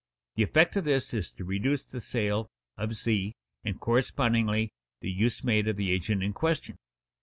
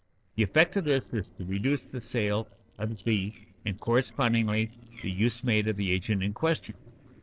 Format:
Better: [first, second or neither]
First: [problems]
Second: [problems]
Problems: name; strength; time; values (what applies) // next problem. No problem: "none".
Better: first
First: none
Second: noise reduction (neural separator model SepFormer DNS4)